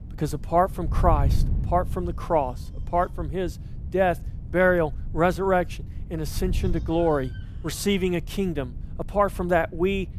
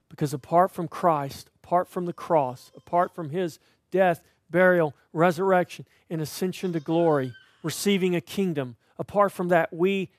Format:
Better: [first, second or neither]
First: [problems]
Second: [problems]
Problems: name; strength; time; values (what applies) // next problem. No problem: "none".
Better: second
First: wind noise on the microphone; occasional gusts; 20 dB below the speech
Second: none